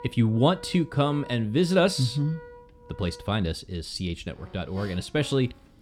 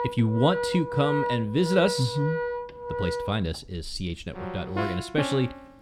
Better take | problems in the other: first | background music; loud; throughout; 4 dB below the speech; faint in the first

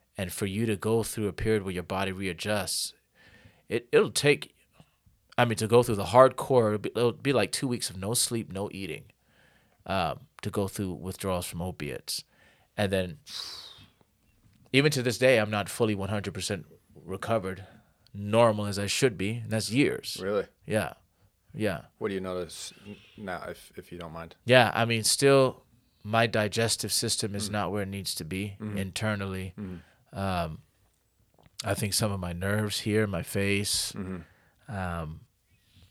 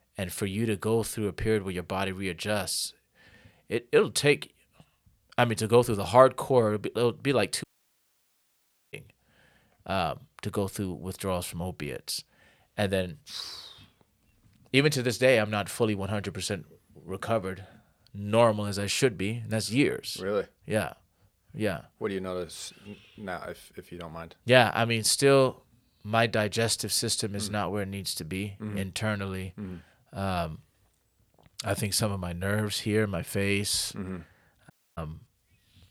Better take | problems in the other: first | audio cutting out; at 7.5 s for 1.5 s and at 35 s

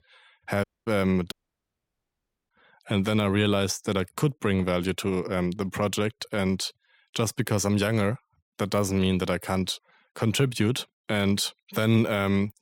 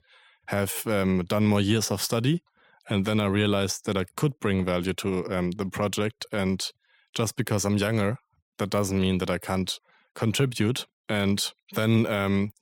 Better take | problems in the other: second | audio cutting out; at 0.5 s and at 1.5 s for 1 s

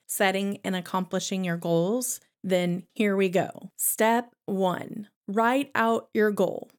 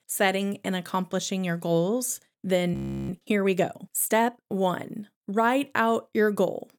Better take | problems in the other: first | audio freezing; at 2.5 s

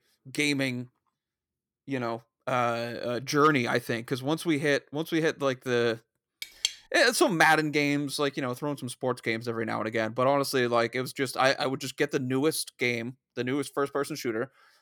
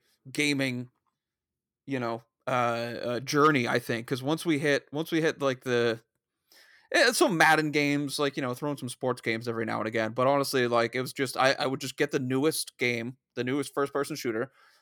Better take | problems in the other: second | clattering dishes; noticeable; at 6.5 s; peak 3 dB below the speech

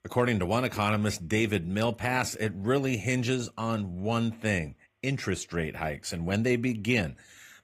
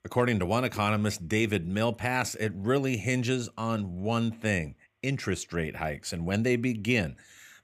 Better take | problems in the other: second | garbled, watery; slightly; nothing above 15.5 kHz

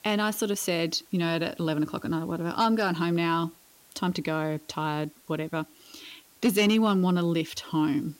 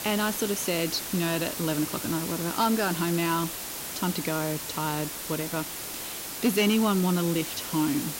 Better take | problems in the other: first | hiss; loud; throughout; 5 dB below the speech; faint in the first

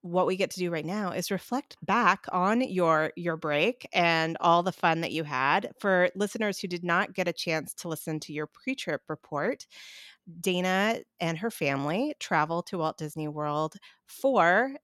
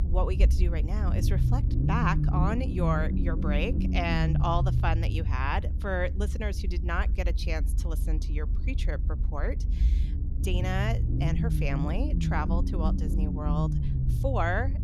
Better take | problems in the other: first | low rumble; loud; throughout; 8 dB below the speech

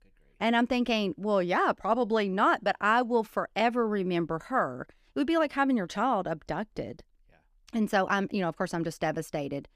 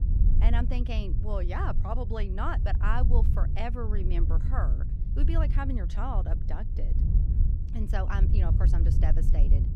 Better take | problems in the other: first | wind noise on the microphone; heavy; 8 dB below the speech

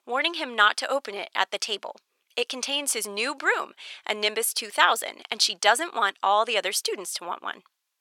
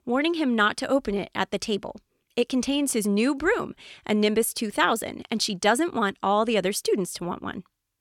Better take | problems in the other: second | thin; very; fading below 800 Hz

